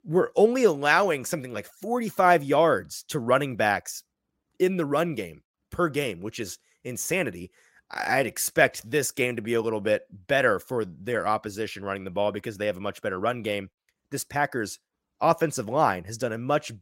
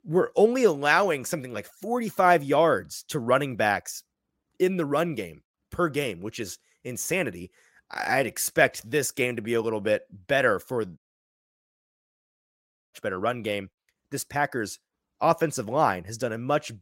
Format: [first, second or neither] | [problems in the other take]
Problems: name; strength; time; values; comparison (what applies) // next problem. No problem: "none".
first | audio cutting out; at 11 s for 2 s